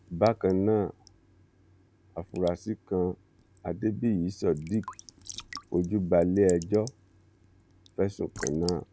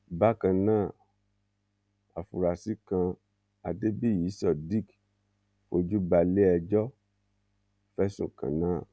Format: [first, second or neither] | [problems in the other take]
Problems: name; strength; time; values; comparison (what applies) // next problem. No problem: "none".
second | background sound (Raindrop / Drip / Trickle, dribble); 19 dB below the speech